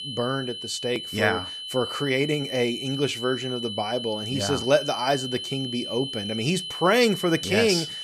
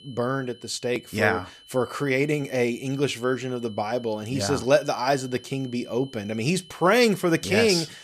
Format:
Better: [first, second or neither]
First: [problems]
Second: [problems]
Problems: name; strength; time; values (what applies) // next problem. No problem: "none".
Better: second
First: high-pitched whine; loud; throughout; 3 kHz, 6 dB below the speech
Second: high-pitched whine; faint; throughout; 3 kHz, 25 dB below the speech